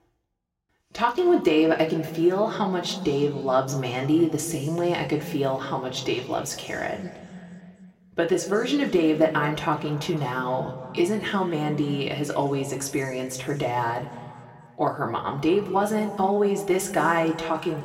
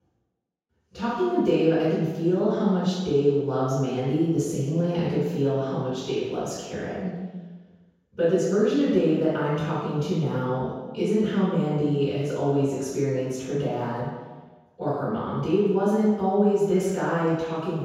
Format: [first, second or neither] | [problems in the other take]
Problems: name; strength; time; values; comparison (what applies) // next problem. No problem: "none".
first | room echo; strong; dies away in 1.2 s; slight in the first // off-mic speech; far; somewhat distant in the first